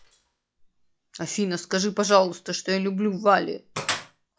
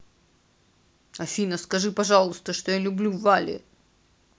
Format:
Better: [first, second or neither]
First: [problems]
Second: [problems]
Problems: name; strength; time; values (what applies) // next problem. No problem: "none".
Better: second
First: noise reduction (classical method log-MMSE)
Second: none